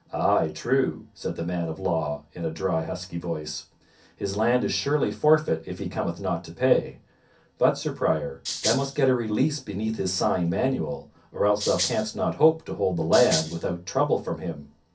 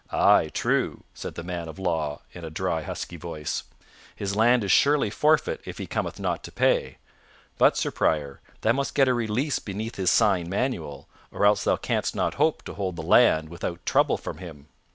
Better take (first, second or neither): second